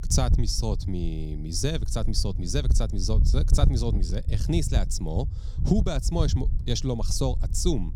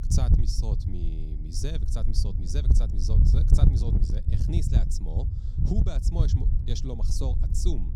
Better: first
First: wind noise on the microphone; occasional gusts; 15 dB below the speech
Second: wind noise on the microphone; heavy; 1 dB below the speech

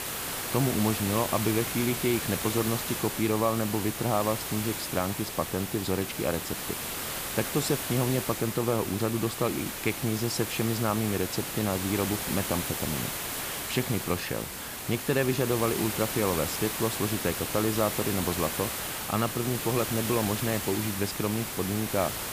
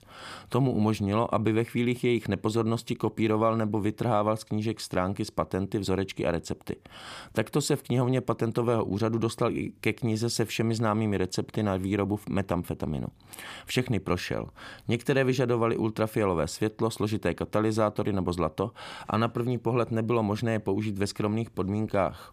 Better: second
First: hiss; loud; throughout; 3 dB below the speech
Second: none

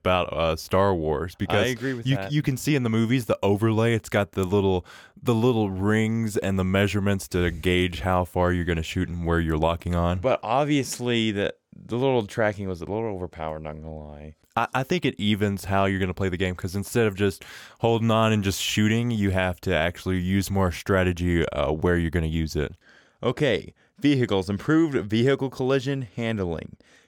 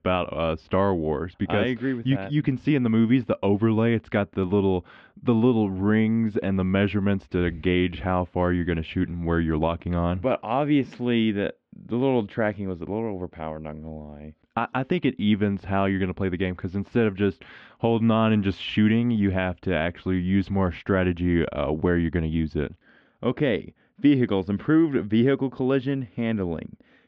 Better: first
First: none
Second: muffled; very; fading above 3.5 kHz

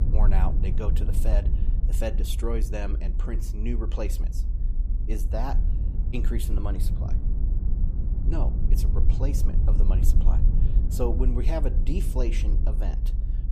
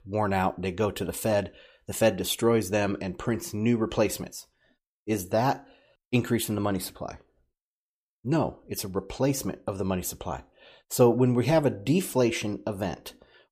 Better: second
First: low rumble; loud; throughout; 8 dB below the speech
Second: none

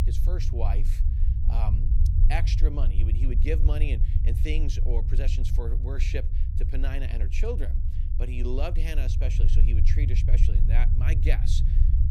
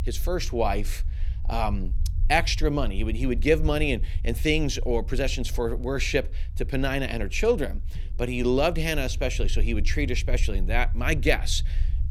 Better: second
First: low rumble; loud; throughout; 6 dB below the speech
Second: low rumble; faint; throughout; 25 dB below the speech

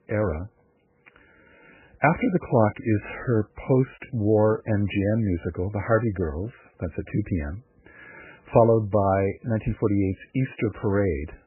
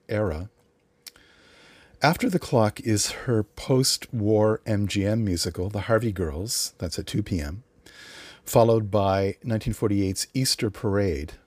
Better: second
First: garbled, watery; badly; nothing above 2.5 kHz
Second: none

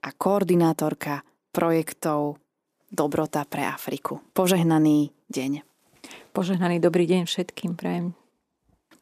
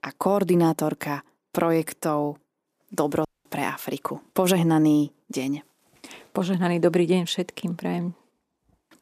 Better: first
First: none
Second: audio cutting out; at 3.5 s

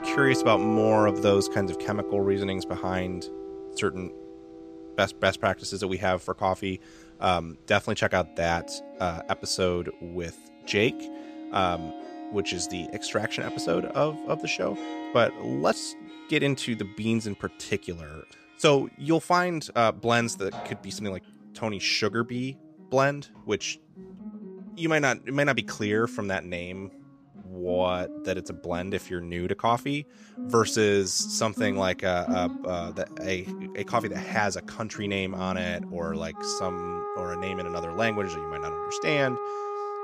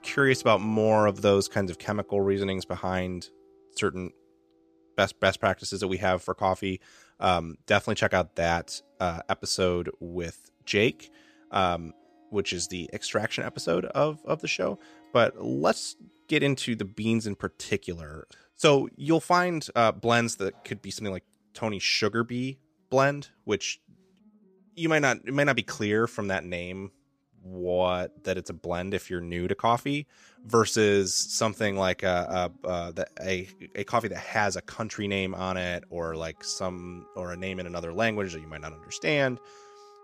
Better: second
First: background music; loud; throughout; 8 dB below the speech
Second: background music; faint; throughout; 30 dB below the speech

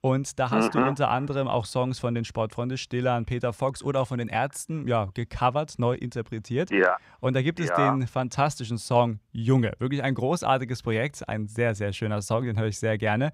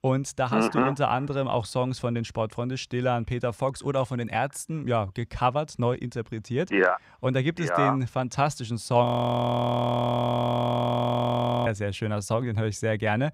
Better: first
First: none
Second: audio freezing; at 9 s for 2.5 s

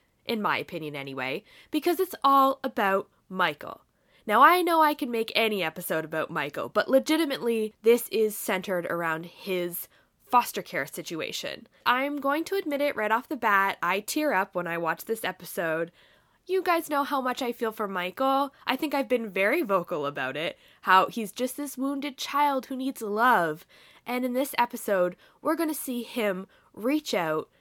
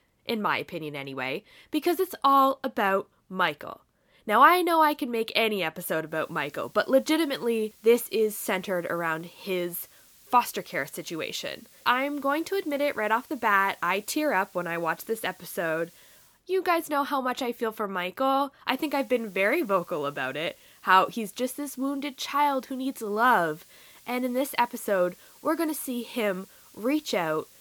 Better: first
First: none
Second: hiss; faint; from 6 to 16 s and from 19 s on; 25 dB below the speech

